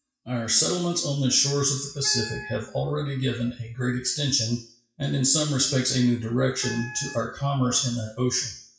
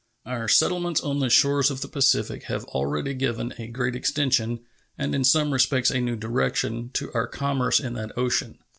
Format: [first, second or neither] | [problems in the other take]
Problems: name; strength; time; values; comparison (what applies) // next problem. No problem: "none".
second | noise reduction (classical method WPE with log-MMSE)